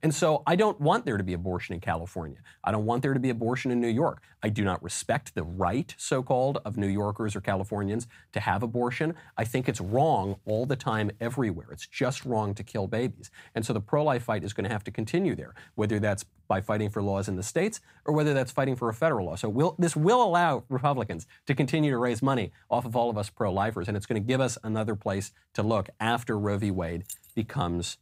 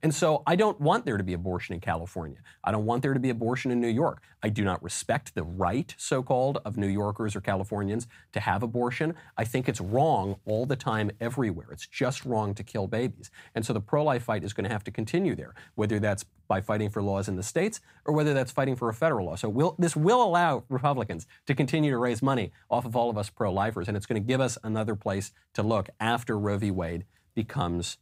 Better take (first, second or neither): second